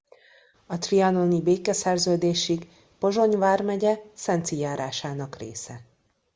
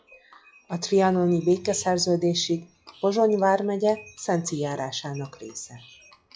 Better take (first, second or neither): first